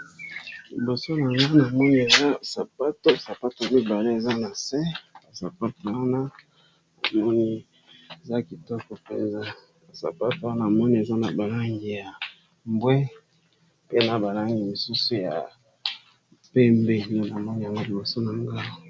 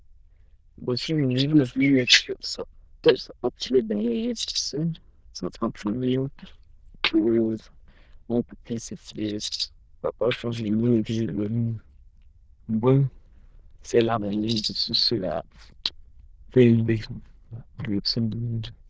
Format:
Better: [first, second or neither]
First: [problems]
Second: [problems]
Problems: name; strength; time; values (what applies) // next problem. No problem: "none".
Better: first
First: none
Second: noise reduction (neural diffusion model UNIVERSE++)